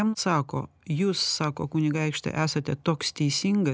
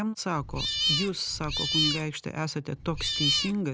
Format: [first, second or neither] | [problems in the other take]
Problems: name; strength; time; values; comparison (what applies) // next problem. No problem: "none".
first | background sound (Cat); 2 dB above the speech